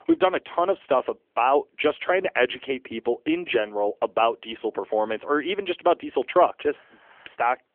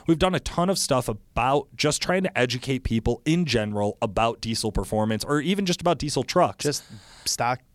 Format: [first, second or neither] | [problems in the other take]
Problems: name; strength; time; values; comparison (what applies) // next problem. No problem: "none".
second | phone-call audio; nothing above 3.5 kHz